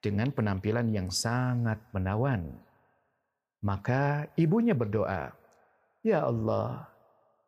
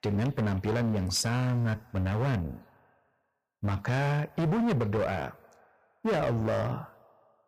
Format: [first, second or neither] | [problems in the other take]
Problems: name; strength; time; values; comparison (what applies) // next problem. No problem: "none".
first | distortion; heavy; 18% of the sound clipped